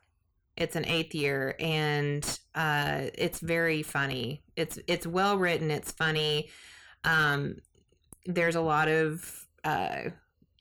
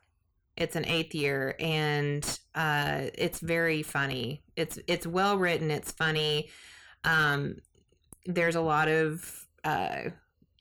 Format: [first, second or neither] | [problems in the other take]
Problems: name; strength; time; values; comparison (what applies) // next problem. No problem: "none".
neither | distortion; slight; 10 dB below the speech; the same in both